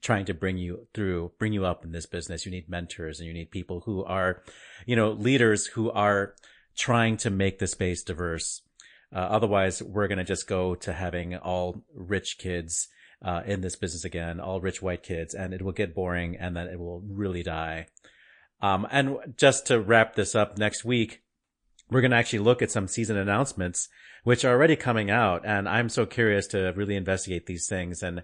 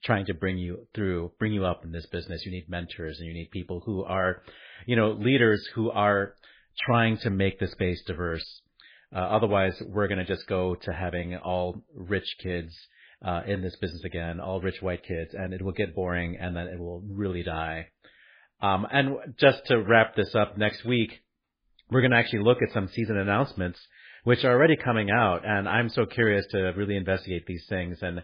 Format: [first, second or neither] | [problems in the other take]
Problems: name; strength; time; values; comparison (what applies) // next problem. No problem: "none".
first | garbled, watery; badly; nothing above 5 kHz; slightly in the first